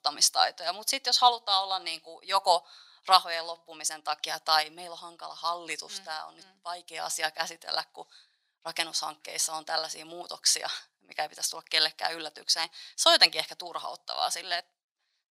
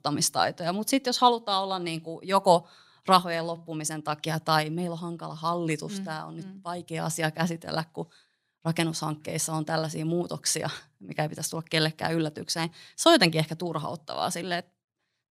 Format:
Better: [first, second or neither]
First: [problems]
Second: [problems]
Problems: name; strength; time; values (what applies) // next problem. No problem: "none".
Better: second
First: thin; very; fading below 850 Hz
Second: none